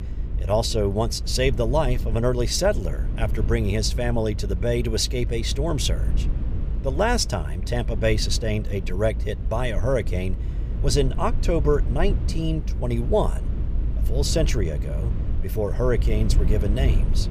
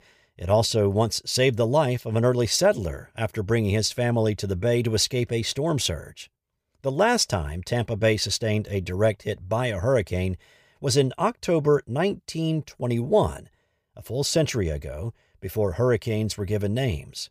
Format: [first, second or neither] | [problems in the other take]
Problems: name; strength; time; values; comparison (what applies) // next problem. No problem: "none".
second | low rumble; noticeable; throughout; 15 dB below the speech